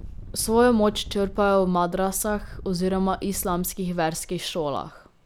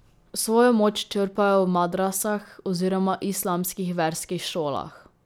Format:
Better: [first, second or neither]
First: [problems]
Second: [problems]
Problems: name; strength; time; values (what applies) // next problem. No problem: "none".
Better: second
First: background sound (Engine); 15 dB below the speech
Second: none